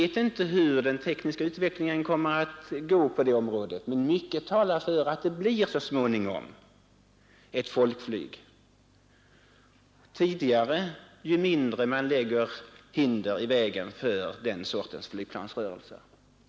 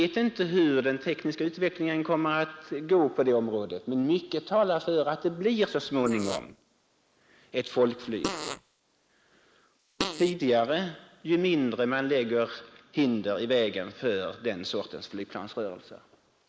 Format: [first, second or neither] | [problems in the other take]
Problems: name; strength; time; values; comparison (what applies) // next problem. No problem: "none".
first | noise reduction (neural mask model Resemble Enhance denoiser)